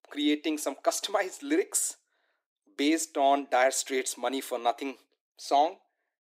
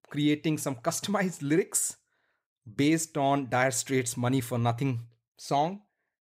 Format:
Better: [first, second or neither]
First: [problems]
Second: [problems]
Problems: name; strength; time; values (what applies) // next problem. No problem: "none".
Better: second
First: thin; somewhat; fading below 300 Hz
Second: none